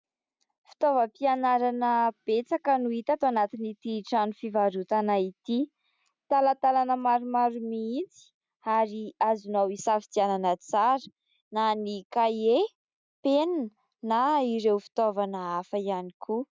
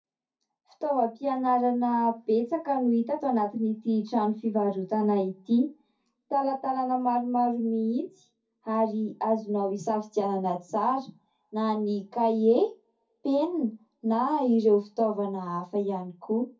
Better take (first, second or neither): first